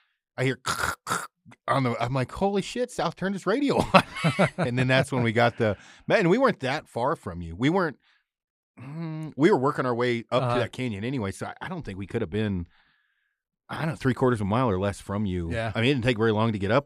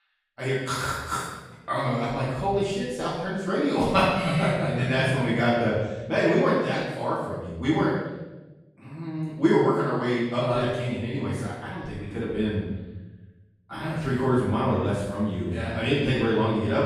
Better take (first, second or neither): first